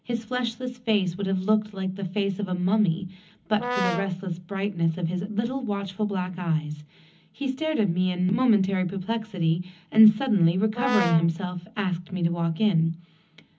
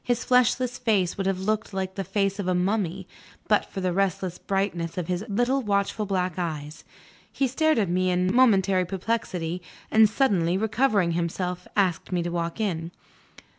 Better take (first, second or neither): second